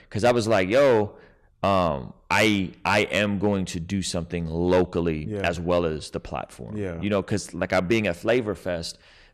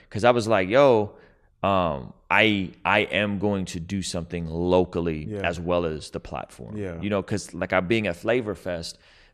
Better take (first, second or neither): second